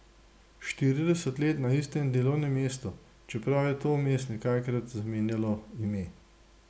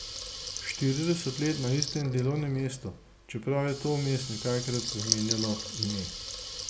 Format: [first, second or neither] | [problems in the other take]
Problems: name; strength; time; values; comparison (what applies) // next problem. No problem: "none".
first | background sound (Water tap, faucet / Liquid); 6 dB below the speech